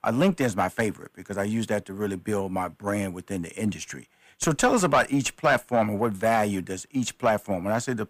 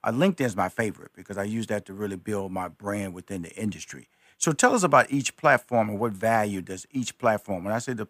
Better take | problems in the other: second | distortion; slight; 10 dB below the speech

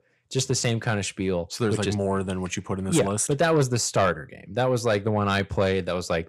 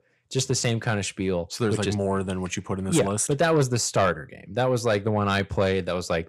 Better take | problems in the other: neither | distortion; slight; 10 dB below the speech; the same in both

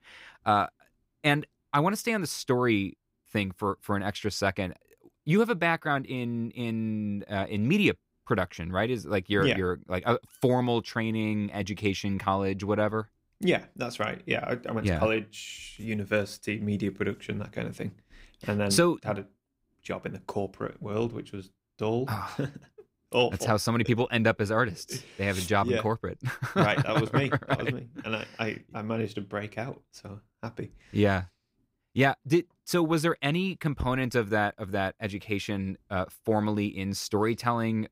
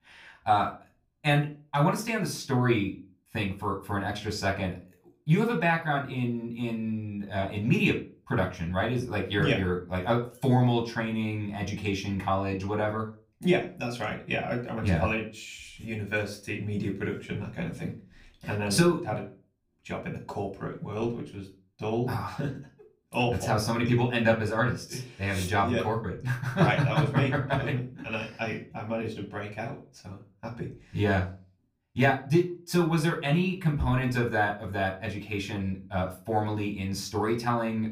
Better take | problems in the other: first | off-mic speech; somewhat distant // room echo; very slight; dies away in 0.3 s

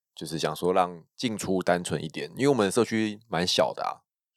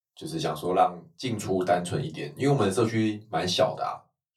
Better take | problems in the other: first | off-mic speech; far // room echo; very slight; dies away in 0.2 s

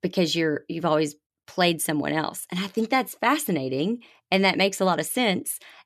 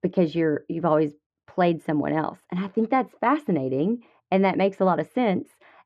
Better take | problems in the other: first | muffled; very; fading above 3.5 kHz

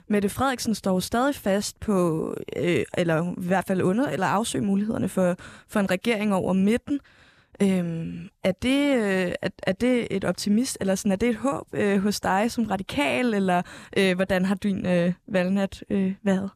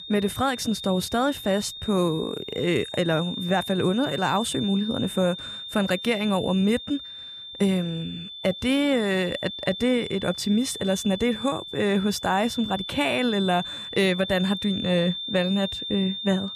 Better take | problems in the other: first | high-pitched whine; loud; throughout; 3.5 kHz, 8 dB below the speech

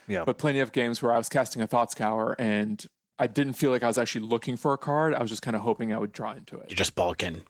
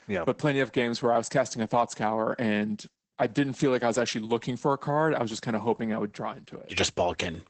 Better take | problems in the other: first | garbled, watery; badly; nothing above 8 kHz; slightly in the first

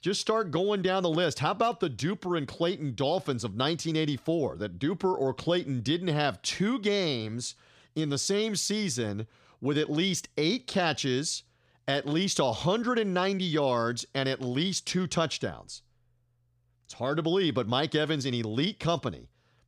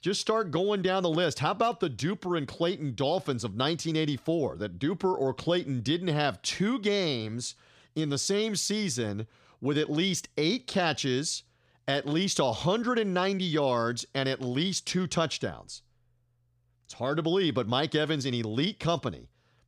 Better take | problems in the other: neither | none

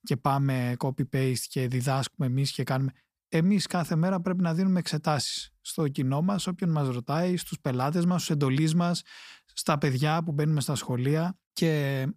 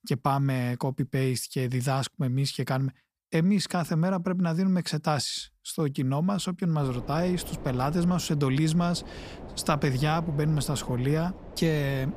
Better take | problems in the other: first | wind noise on the microphone; occasional gusts; from 7 s on; 15 dB below the speech

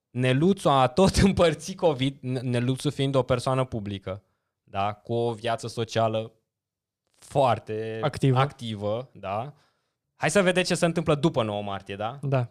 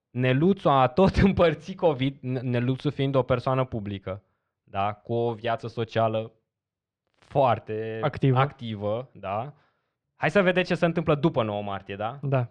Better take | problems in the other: first | muffled; slightly; fading above 2.5 kHz

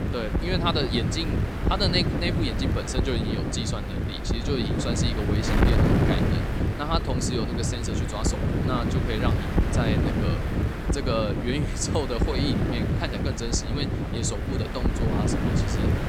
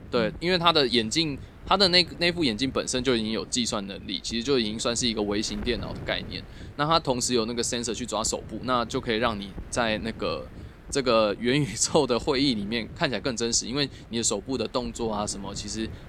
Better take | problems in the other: second | wind noise on the microphone; heavy; 1 dB below the speech; occasional gusts in the second

